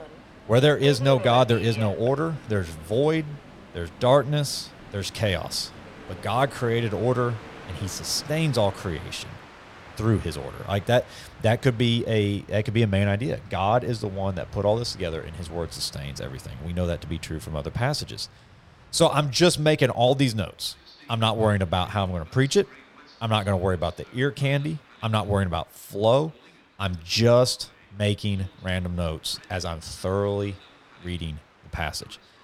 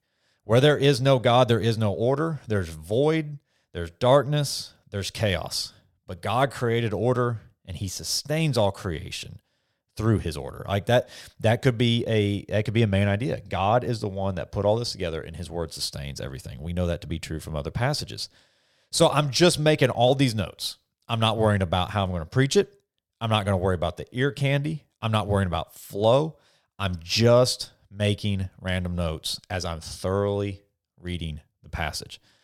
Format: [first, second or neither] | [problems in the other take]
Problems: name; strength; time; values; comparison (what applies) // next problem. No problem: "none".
second | train or aircraft noise; noticeable; throughout; 20 dB below the speech